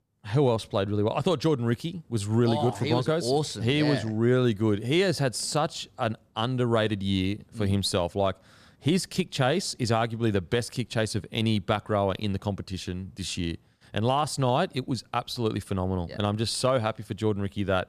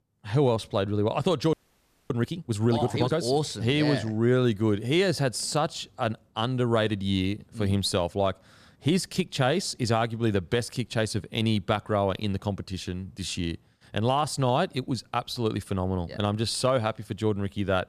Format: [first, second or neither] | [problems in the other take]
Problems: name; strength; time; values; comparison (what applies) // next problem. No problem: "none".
first | audio freezing; at 1.5 s for 0.5 s